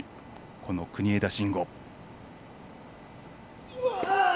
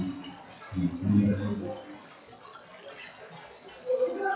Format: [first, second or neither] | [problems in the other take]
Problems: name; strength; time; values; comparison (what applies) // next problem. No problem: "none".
first | noise reduction (classical method WPE with log-MMSE)